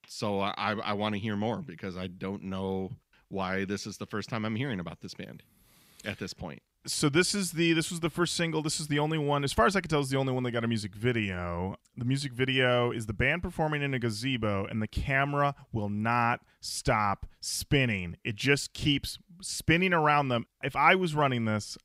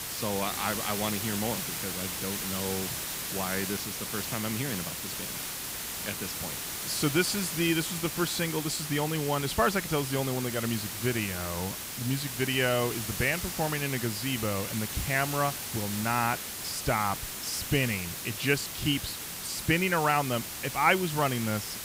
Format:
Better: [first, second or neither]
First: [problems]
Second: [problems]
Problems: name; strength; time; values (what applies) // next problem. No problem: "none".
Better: first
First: none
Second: hiss; loud; throughout; 3 dB below the speech